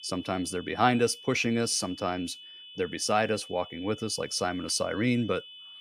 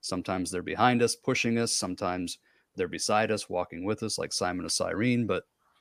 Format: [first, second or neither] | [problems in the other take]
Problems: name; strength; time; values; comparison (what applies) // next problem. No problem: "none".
second | high-pitched whine; noticeable; throughout; 3 kHz, 15 dB below the speech